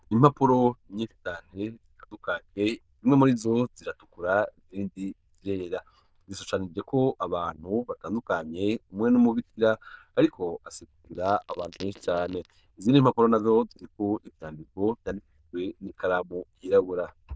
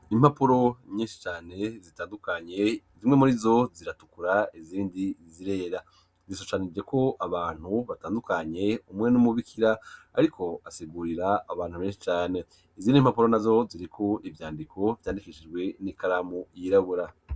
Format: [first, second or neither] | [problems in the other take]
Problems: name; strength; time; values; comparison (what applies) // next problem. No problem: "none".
second | noise reduction (neural diffusion model UNIVERSE++)